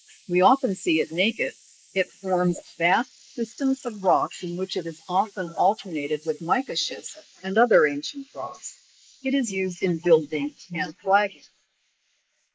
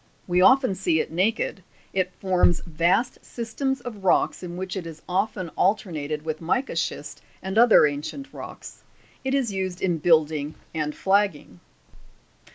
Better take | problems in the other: second | noise reduction (neural mask model Resemble Enhance denoiser)

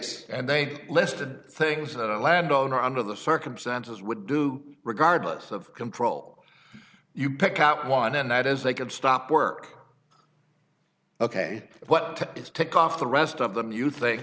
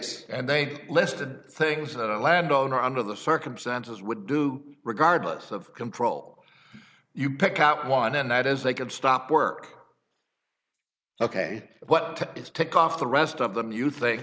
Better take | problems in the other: first | noise reduction (neural mask model Resemble Enhance denoiser)

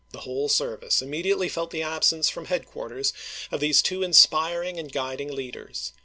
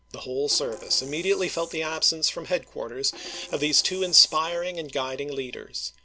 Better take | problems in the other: first | background sound (Percussion); 20 dB below the speech

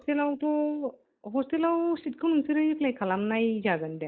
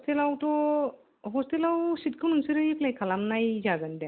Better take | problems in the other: second | noise reduction (neural mask model DeepFilterNet 3)

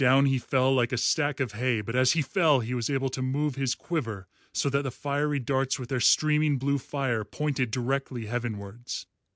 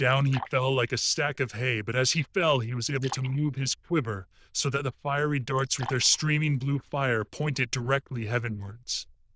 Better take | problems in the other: first | noise reduction (neural diffusion model UNIVERSE++)

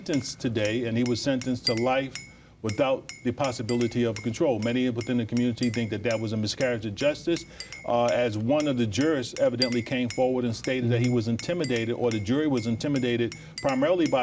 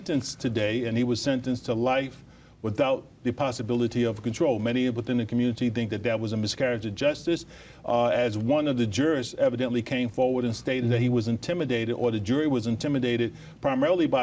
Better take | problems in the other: second | background sound (Glass); 16 dB below the speech

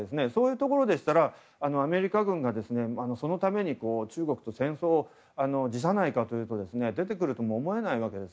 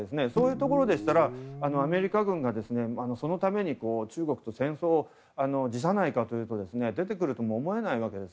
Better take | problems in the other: first | background sound (Guitar); 11 dB below the speech

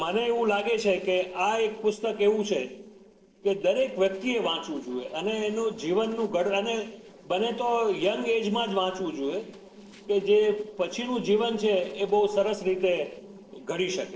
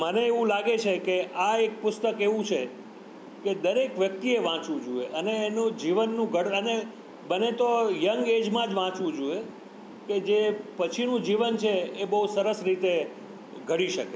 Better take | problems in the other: second | noise reduction (neural separator model SepFormer DNS4)

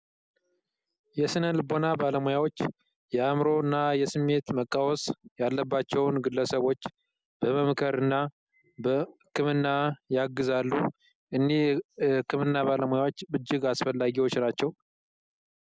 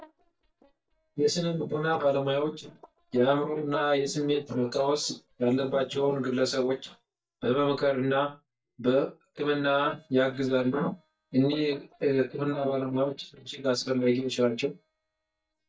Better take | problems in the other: first | noise reduction (neural mask model DeepFilterNet 3)

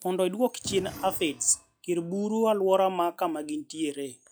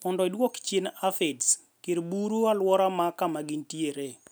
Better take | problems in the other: second | noise reduction (classical method log-MMSE)

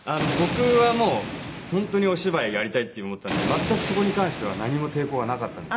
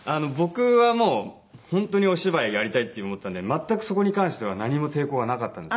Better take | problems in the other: second | background sound (Thunder); 6 dB below the speech

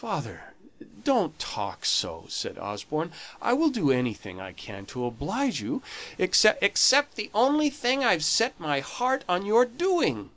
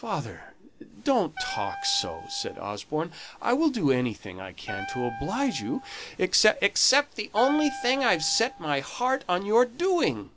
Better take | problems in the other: first | background sound (Wind instrument, woodwind instrument); 12 dB below the speech

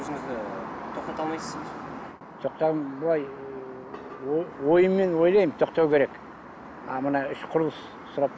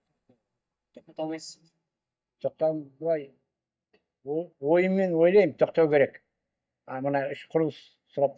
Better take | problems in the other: first | noise reduction (neural mask model DeepFilterNet 3)

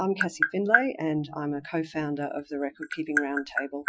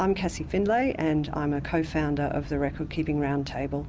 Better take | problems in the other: second | noise reduction (classical method Wiener filter)

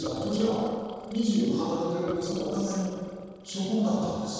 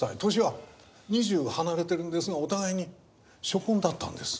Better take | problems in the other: second | noise reduction (neural separator model SepFormer DNS4)

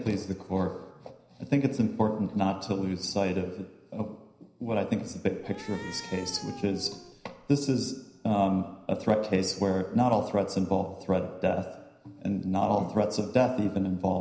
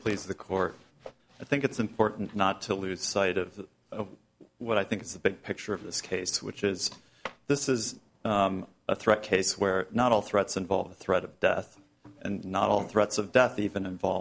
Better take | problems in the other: second | background sound (Cat); 17 dB below the speech // room echo; dies away in 0.9 s

